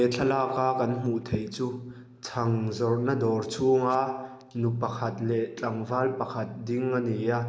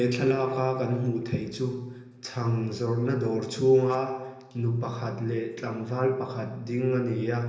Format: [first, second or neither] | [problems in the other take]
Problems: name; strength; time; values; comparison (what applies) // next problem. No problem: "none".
first | room echo; dies away in 1.4 s